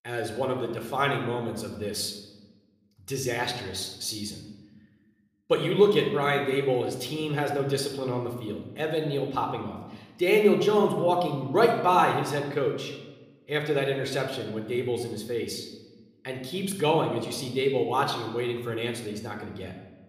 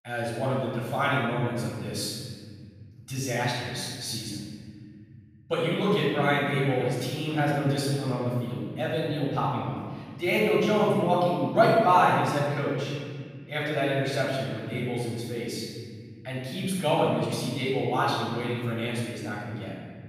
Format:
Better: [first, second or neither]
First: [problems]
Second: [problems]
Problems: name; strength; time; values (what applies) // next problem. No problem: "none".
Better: first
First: room echo; slight; dies away in 1 s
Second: room echo; strong; dies away in 2.6 s // off-mic speech; far